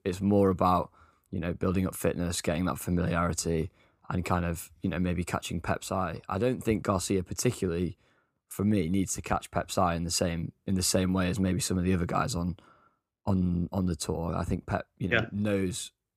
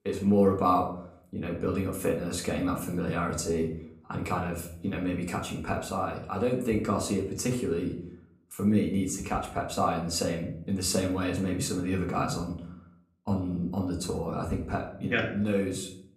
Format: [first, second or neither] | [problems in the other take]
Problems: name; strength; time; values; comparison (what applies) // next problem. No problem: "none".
first | room echo; slight; dies away in 0.5 s // off-mic speech; far